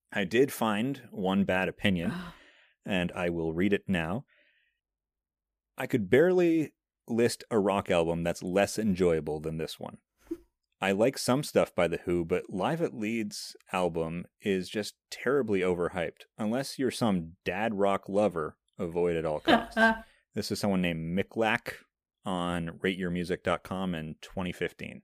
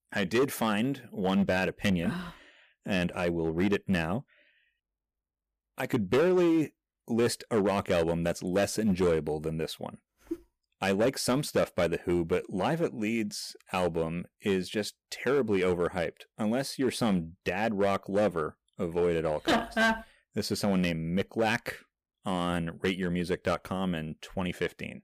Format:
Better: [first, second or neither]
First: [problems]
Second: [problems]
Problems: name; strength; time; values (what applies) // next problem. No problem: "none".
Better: first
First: none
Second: distortion; slight; 5% of the sound clipped